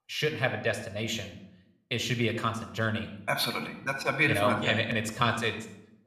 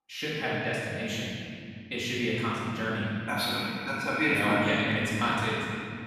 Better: first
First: room echo; slight; dies away in 0.6 s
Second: room echo; strong; dies away in 2.7 s // off-mic speech; far

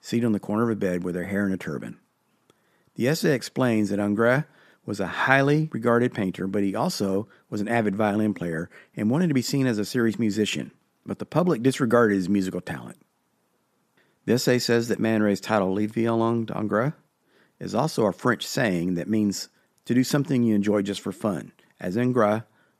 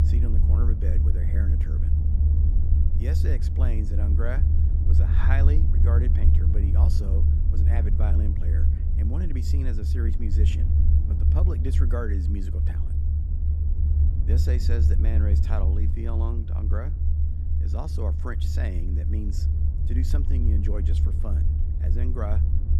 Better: first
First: none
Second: low rumble; loud; throughout; 1 dB below the speech

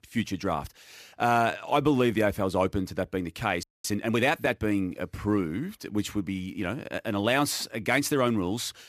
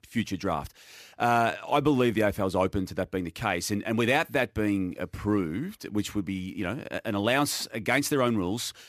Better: second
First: audio freezing; at 3.5 s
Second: none

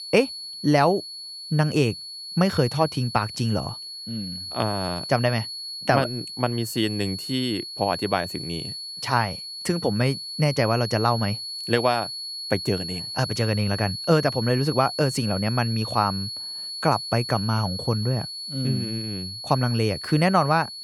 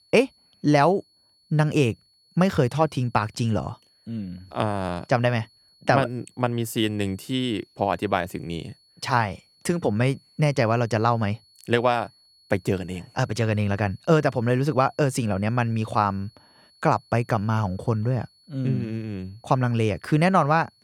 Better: second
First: high-pitched whine; loud; throughout; 4.5 kHz, 7 dB below the speech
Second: high-pitched whine; faint; throughout; 4.5 kHz, 30 dB below the speech

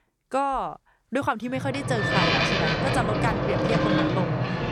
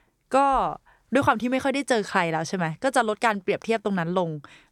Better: second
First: train or aircraft noise; very loud; from 2 s on; 5 dB above the speech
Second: none

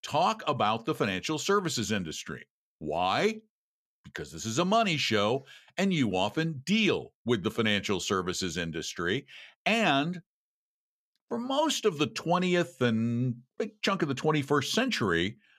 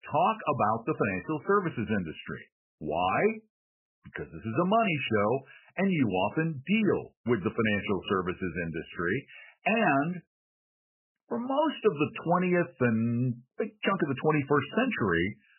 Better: first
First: none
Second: garbled, watery; badly; nothing above 3 kHz

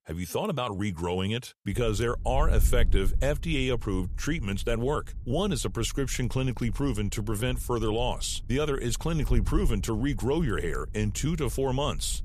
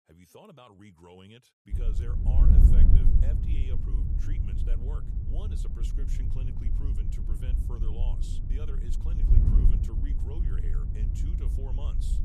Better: first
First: wind noise on the microphone; occasional gusts; from 1.5 s on; 25 dB below the speech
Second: wind noise on the microphone; heavy; from 1.5 s on; 4 dB above the speech

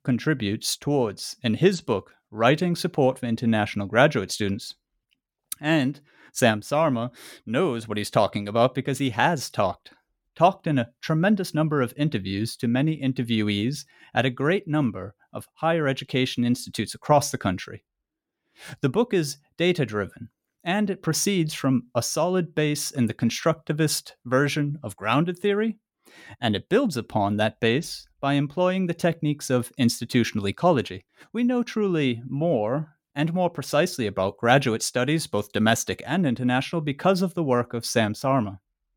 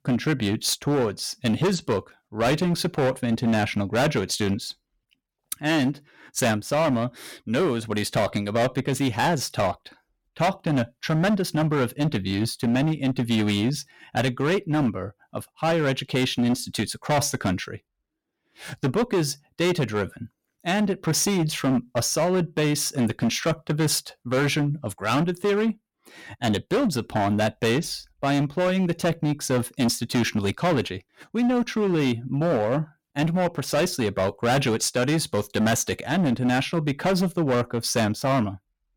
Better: first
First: none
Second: distortion; heavy; 14% of the sound clipped

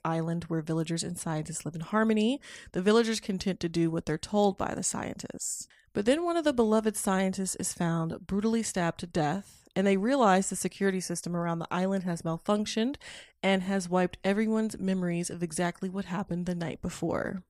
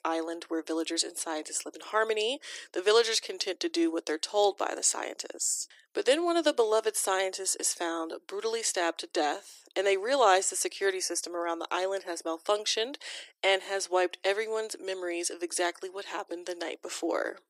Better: first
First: none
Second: thin; very; fading below 300 Hz

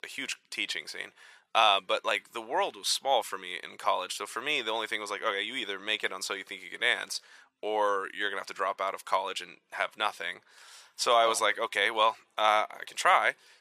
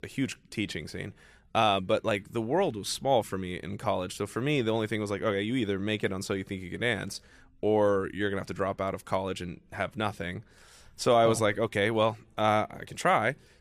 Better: second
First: thin; very; fading below 750 Hz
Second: none

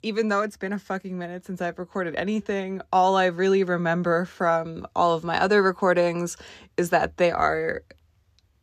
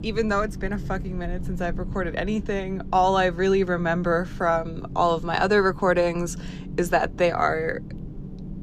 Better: first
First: none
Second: low rumble; faint; throughout; 20 dB below the speech

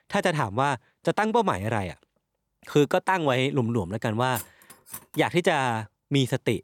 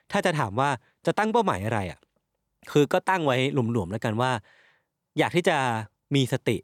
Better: second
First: clattering dishes; faint; at 4.5 s; peak 10 dB below the speech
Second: none

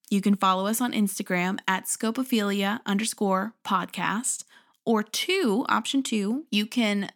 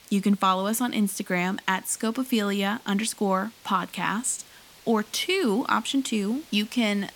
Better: first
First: none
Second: hiss; faint; throughout; 25 dB below the speech

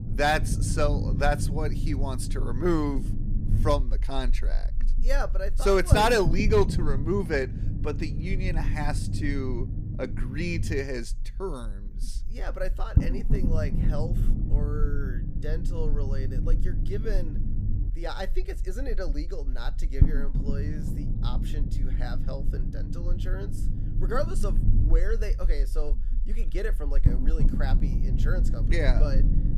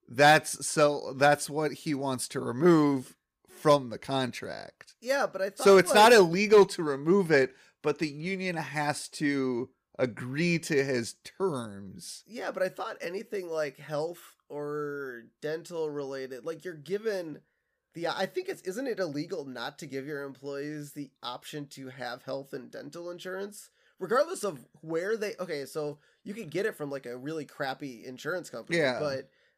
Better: second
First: low rumble; noticeable; throughout; 10 dB below the speech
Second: none

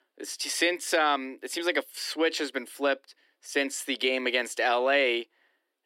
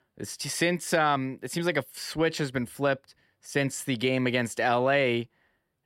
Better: second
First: thin; very slightly; fading below 300 Hz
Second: none

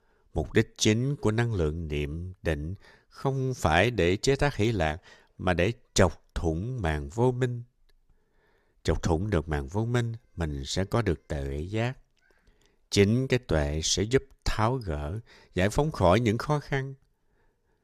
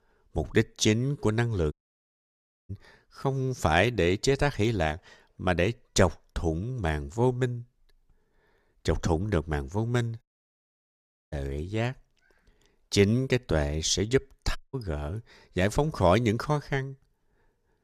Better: first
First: none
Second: audio cutting out; at 1.5 s for 1 s, at 10 s for 1 s and at 15 s

